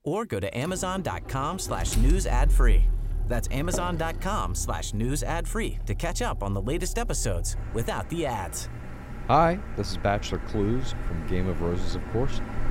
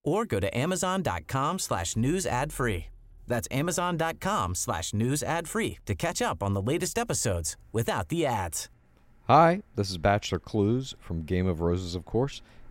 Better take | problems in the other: second | traffic noise; loud; throughout; 4 dB below the speech; faint in the second

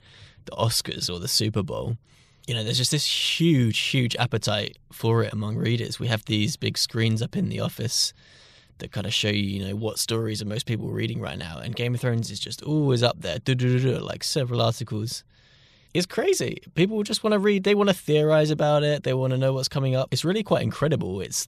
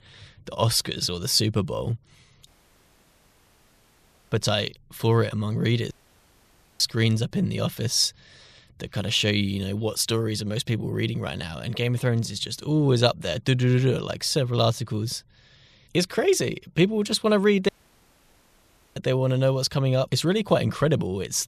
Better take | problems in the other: first | audio cutting out; at 2.5 s for 2 s, at 6 s for 1 s and at 18 s for 1.5 s

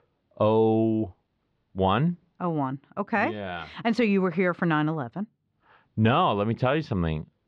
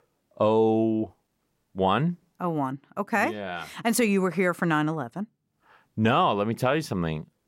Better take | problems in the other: second | muffled; slightly; fading above 4 kHz

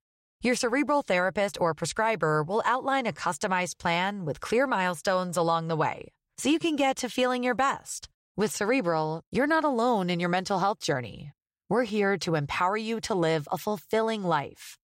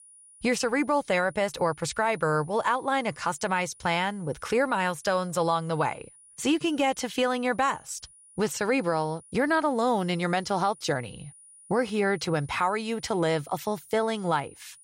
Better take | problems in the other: first | high-pitched whine; faint; throughout; 9.5 kHz, 25 dB below the speech

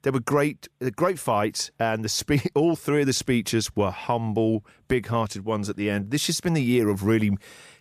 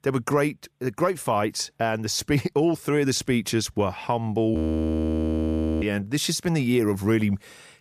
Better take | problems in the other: first | audio freezing; at 4.5 s for 1.5 s

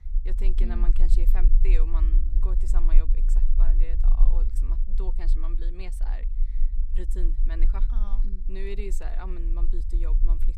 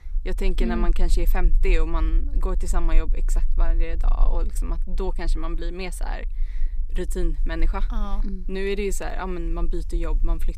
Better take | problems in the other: second | low rumble; loud; throughout; 8 dB below the speech; faint in the second

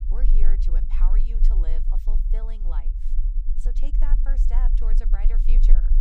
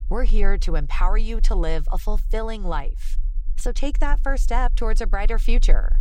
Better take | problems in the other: second | low rumble; loud; throughout; 5 dB below the speech; faint in the second

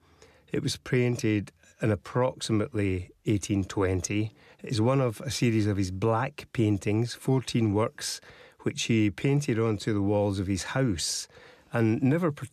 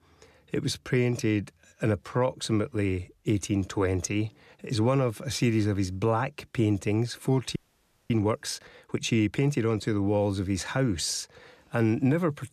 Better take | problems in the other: first | audio freezing; at 7.5 s for 0.5 s

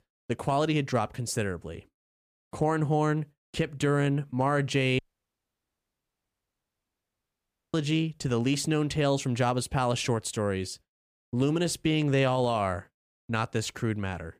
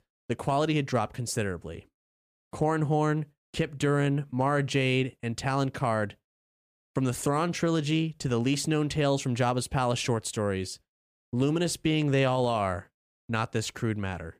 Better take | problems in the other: second | audio cutting out; at 5 s for 3 s

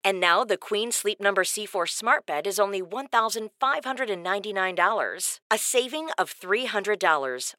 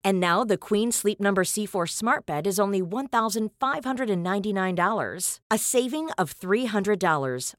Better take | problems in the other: second | thin; very; fading below 450 Hz

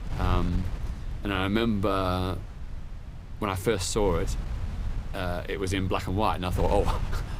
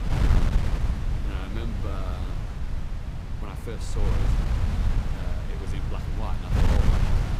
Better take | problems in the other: first | wind noise on the microphone; heavy; 3 dB above the speech; occasional gusts in the first

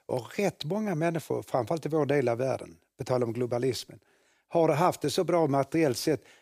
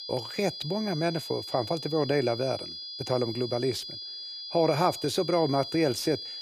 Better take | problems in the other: first | high-pitched whine; loud; throughout; 5 kHz, 8 dB below the speech

